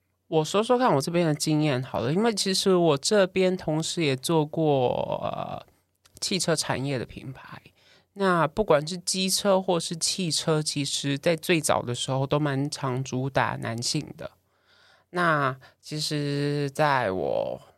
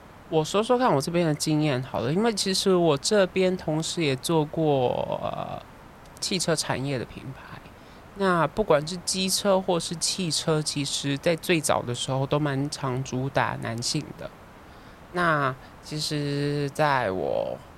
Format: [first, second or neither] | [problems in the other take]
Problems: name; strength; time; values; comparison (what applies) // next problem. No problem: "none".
first | hiss; faint; throughout; 20 dB below the speech